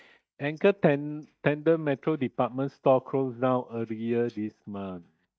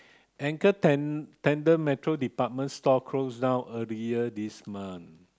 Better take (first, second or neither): second